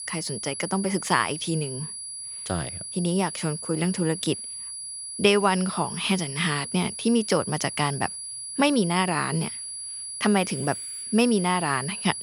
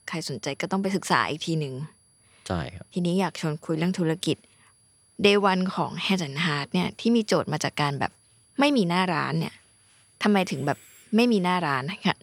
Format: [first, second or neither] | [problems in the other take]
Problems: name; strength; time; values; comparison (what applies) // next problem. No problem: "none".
second | high-pitched whine; loud; throughout; 10 kHz, 7 dB below the speech; faint in the second